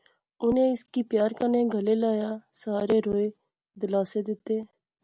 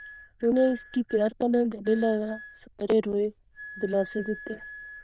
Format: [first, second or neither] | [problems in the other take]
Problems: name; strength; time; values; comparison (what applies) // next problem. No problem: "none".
first | noise reduction (neural diffusion model UNIVERSE++)